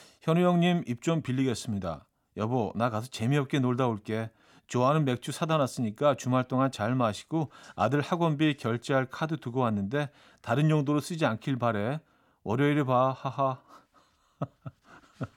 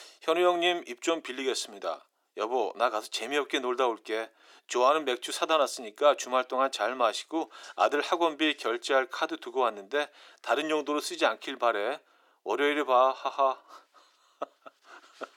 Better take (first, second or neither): first